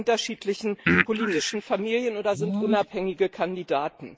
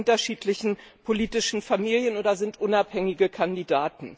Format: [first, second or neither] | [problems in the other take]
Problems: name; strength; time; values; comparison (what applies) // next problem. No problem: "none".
second | noise reduction (neural mask model Resemble Enhance denoiser)